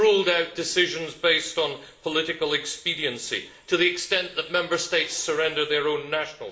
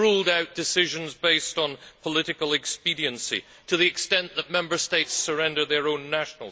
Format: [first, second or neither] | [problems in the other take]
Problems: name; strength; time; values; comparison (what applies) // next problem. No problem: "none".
second | room echo; dies away in 0.9 s